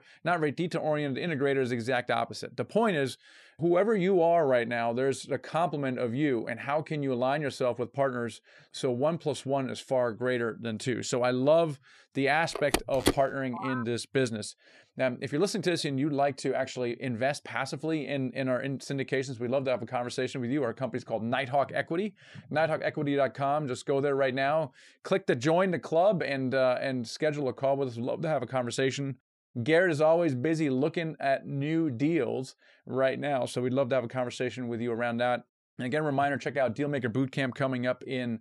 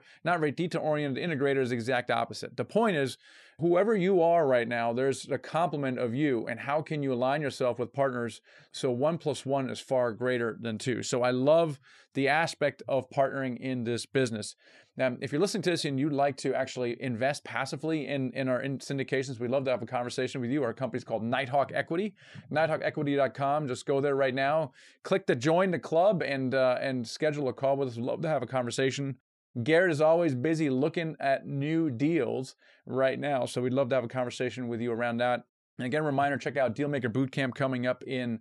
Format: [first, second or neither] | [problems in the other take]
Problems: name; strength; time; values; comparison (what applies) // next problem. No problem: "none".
second | phone ringing; noticeable; from 13 to 14 s; peak level with the speech